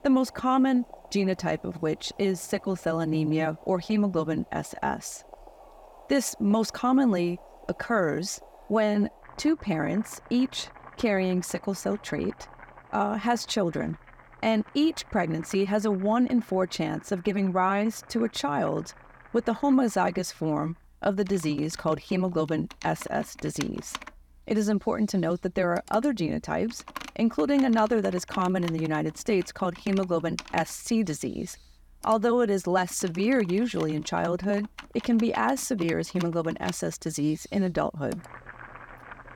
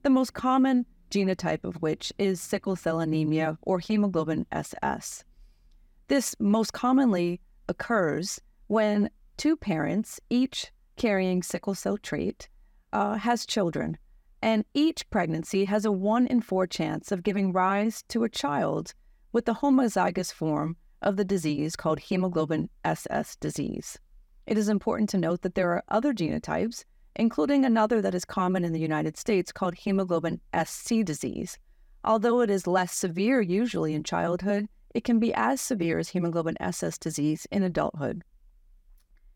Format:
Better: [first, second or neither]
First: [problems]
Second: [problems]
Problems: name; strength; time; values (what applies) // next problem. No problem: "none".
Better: second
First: household noises; noticeable; throughout; 20 dB below the speech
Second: none